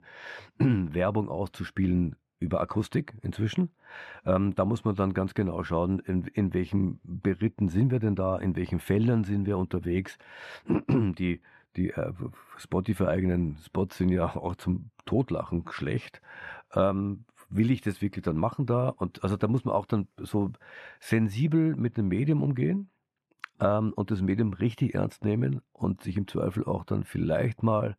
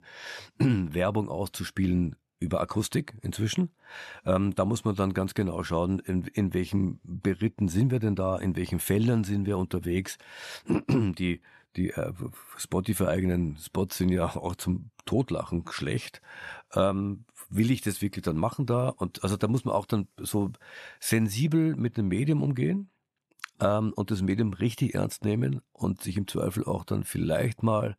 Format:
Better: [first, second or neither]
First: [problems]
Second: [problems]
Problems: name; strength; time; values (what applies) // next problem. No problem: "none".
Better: second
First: muffled; slightly; fading above 4 kHz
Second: none